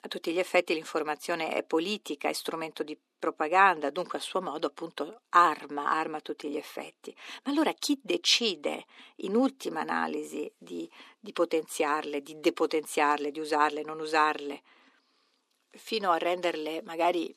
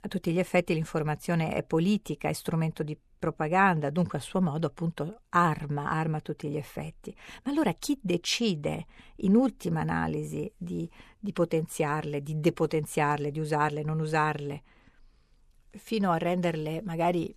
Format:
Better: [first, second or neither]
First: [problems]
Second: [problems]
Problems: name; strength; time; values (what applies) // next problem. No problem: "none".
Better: second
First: thin; somewhat; fading below 250 Hz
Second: none